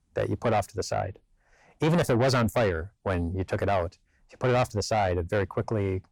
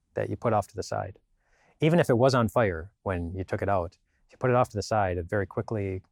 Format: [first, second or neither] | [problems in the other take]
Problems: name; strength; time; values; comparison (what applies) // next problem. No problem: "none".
second | distortion; heavy; 7 dB below the speech